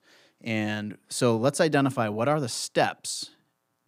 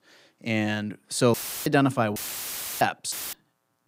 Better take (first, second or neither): first